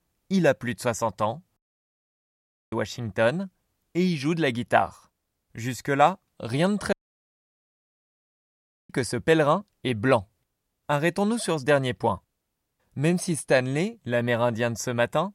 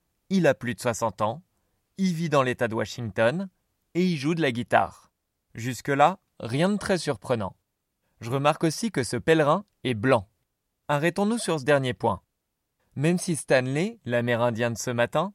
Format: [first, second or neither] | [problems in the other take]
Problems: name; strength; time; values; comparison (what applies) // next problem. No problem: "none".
second | audio cutting out; at 1.5 s for 1 s and at 7 s for 2 s